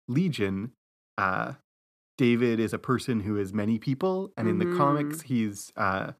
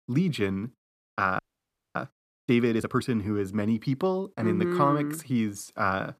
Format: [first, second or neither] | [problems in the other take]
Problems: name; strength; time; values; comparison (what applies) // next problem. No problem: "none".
first | audio freezing; at 1.5 s for 0.5 s